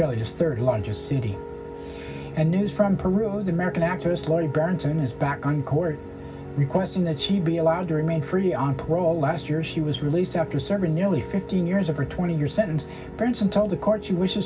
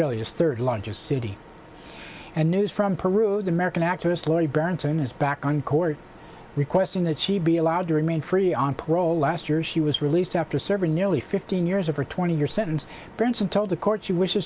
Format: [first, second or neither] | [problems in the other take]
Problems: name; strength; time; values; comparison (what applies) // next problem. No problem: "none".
second | background sound (Piano); 12 dB below the speech // room echo; dies away in 0.4 s